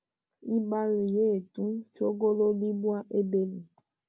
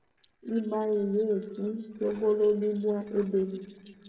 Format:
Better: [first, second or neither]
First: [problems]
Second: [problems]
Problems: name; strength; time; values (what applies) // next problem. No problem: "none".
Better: first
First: none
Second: noise reduction (neural separator model SepFormer DNS4)